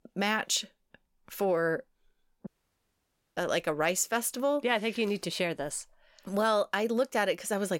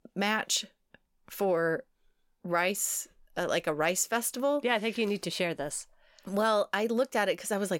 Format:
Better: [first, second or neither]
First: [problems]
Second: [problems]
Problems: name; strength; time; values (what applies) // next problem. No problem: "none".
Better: second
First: audio cutting out; at 2.5 s for 1 s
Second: none